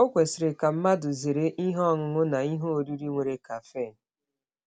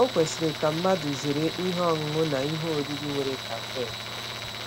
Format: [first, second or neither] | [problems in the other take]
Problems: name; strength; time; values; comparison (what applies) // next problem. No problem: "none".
first | background sound (Tools); 7 dB below the speech